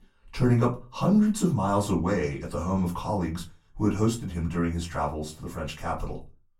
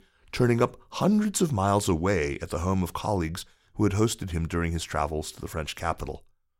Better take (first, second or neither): second